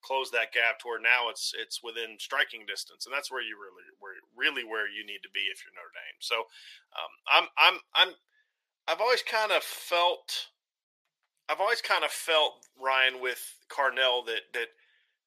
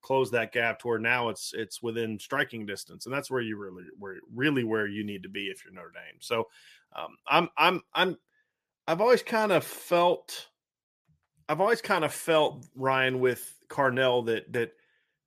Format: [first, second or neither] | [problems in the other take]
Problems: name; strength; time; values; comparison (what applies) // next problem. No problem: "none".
second | thin; very; fading below 550 Hz